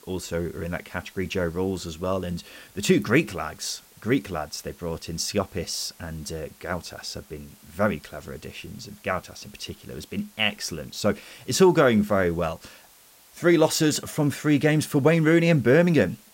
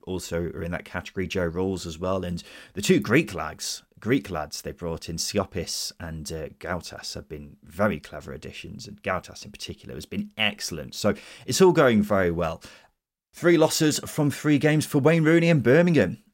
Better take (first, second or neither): second